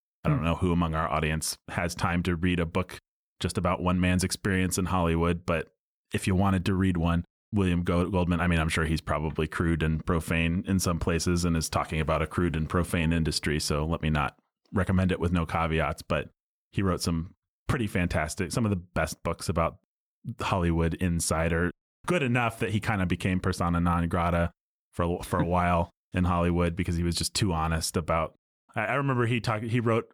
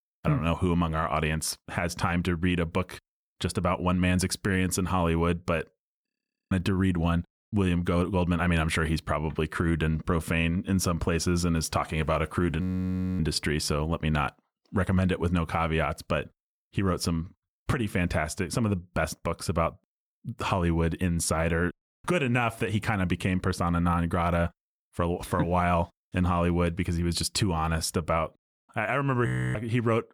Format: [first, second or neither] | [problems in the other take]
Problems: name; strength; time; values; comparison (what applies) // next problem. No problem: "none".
first | audio freezing; at 6 s, at 13 s for 0.5 s and at 29 s